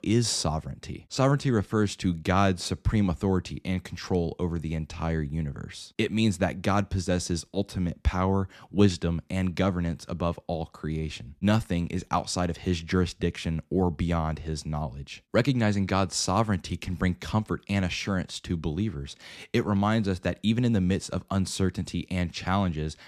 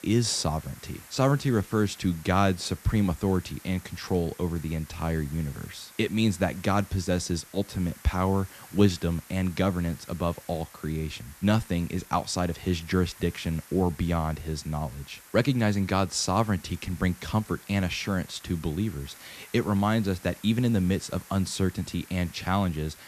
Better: first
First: none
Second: hiss; faint; throughout; 20 dB below the speech

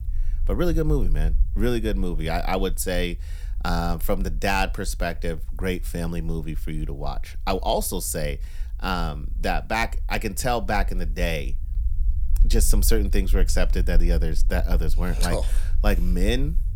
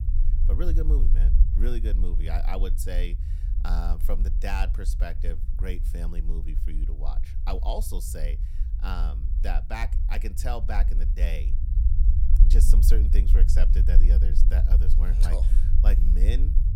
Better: first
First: low rumble; faint; throughout; 25 dB below the speech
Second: low rumble; loud; throughout; 8 dB below the speech

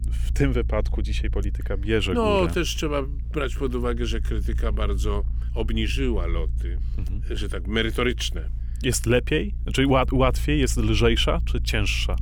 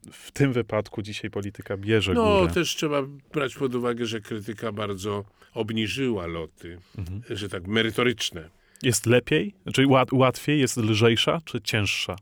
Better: second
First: low rumble; faint; throughout; 25 dB below the speech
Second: none

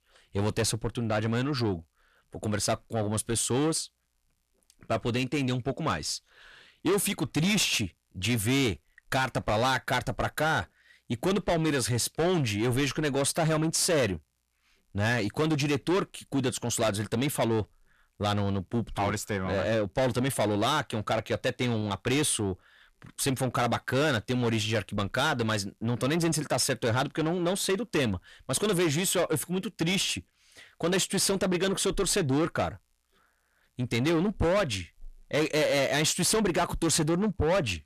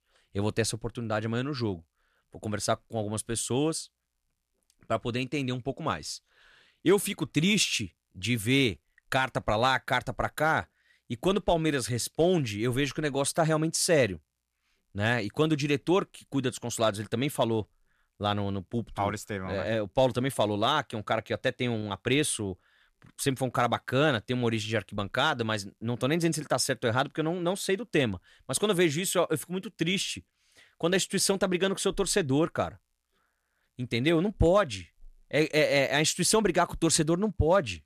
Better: second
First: distortion; heavy; 8 dB below the speech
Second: none

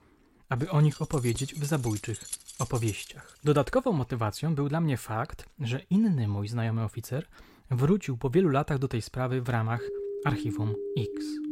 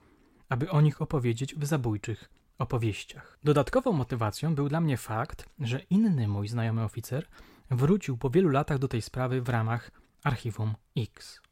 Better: second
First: jangling keys; noticeable; from 1 to 3.5 s; peak 8 dB below the speech // siren; noticeable; from 10 s on; peak 6 dB below the speech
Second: none

